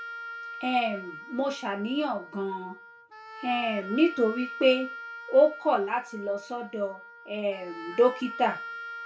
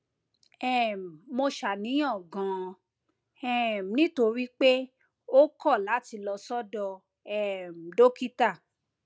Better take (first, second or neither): second